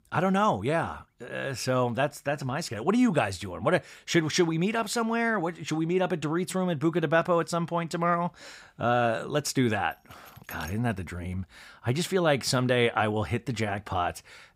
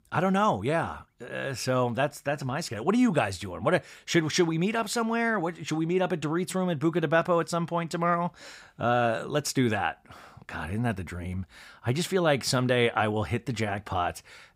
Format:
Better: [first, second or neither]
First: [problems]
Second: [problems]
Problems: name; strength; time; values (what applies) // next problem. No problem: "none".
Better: second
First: jangling keys; faint; at 10 s; peak 15 dB below the speech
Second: none